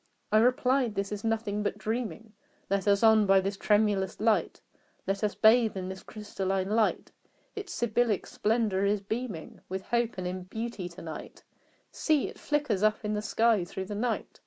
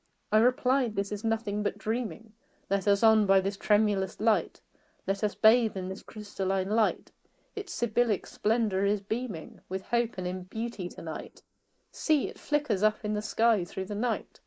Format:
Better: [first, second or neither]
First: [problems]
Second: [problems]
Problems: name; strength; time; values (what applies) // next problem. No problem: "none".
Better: first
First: none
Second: noise reduction (neural mask model Resemble Enhance denoiser)